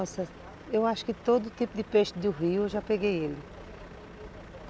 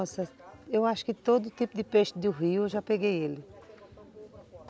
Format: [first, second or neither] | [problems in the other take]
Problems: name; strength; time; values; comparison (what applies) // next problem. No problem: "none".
second | background sound (Truck); 17 dB below the speech